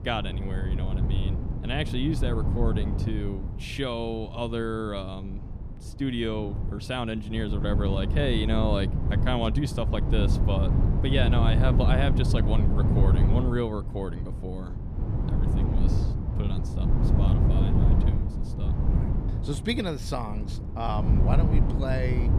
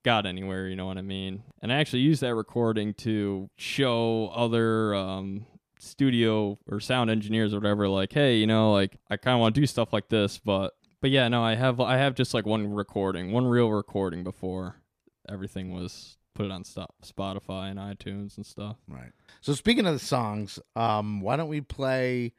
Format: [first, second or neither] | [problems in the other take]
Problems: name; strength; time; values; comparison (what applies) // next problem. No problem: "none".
second | wind noise on the microphone; heavy; 5 dB below the speech